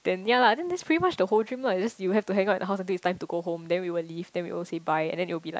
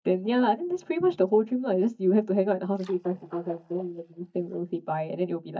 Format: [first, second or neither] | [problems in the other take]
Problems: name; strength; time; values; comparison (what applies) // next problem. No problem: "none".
first | noise reduction (neural mask model DeepFilterNet 3)